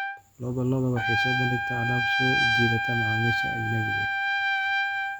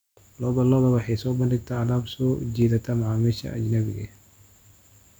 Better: second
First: background sound (Trumpet); 3 dB above the speech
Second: none

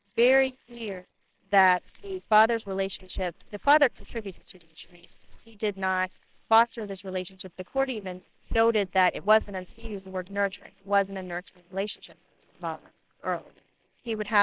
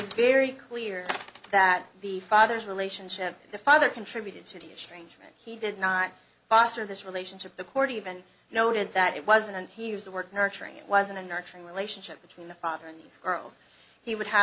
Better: second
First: noise reduction (neural separator model SepFormer WHAMR!)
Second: none

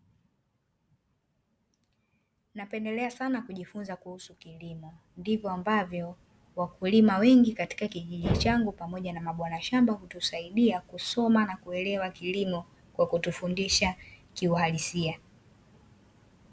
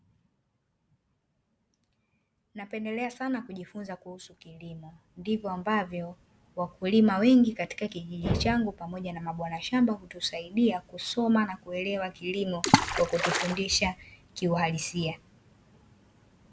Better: first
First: none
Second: background sound (Water / Splash, splatter); 3 dB above the speech

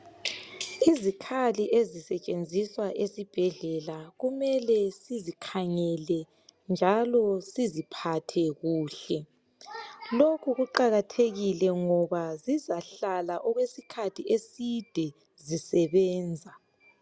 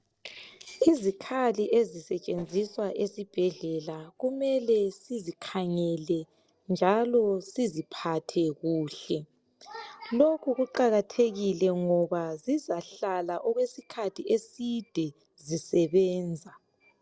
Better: first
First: none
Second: noise reduction (neural separator model SepFormer DNS4)

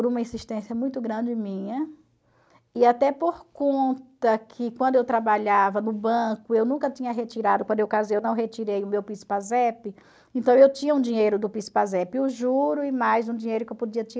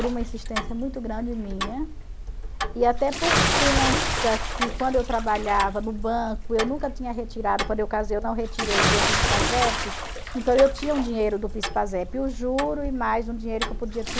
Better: first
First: none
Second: background sound (Bathtub (filling or washing) / Splash, splatter + Tick-tock); 1 dB below the speech

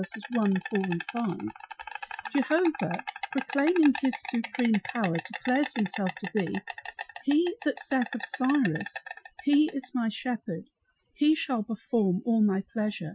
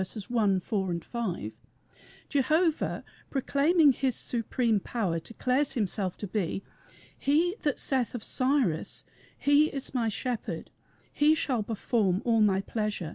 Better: second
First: noise reduction (classical method Wiener filter)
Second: none

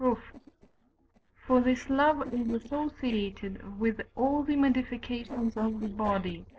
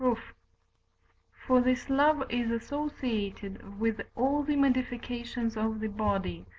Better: second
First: noise reduction (neural separator model SepFormer DNS4)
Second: none

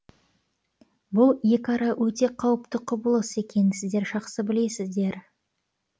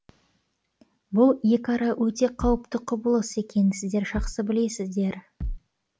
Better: first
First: none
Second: background sound (Bass drum); 7 dB below the speech

